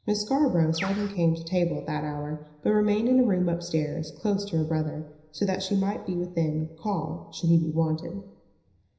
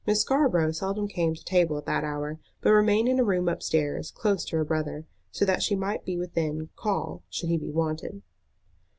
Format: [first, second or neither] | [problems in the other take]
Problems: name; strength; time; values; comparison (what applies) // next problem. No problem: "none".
second | background sound (Bird); 9 dB below the speech // room echo; dies away in 0.9 s